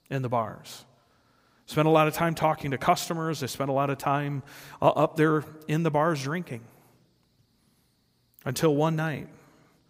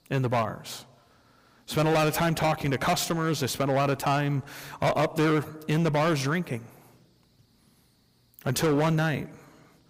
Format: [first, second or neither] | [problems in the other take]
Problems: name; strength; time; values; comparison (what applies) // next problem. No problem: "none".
first | distortion; heavy; 14% of the sound clipped